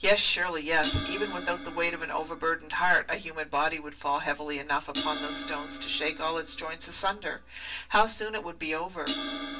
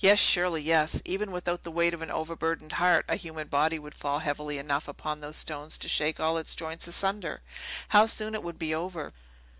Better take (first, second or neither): second